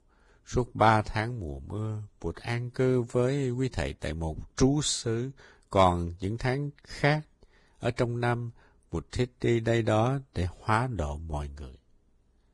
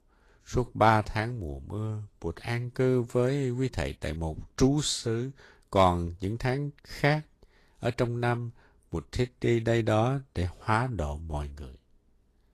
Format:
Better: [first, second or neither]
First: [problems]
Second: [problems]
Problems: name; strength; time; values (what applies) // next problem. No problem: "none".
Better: second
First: garbled, watery; badly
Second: garbled, watery; slightly; nothing above 12.5 kHz